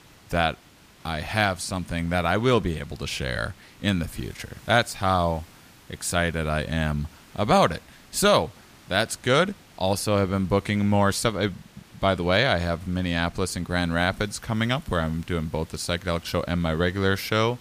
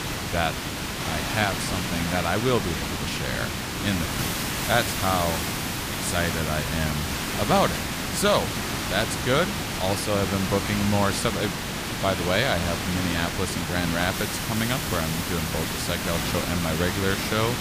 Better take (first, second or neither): first